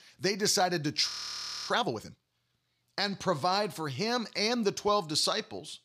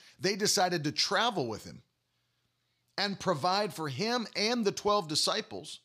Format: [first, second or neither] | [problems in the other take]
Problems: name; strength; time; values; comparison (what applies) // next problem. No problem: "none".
second | audio freezing; at 1 s for 0.5 s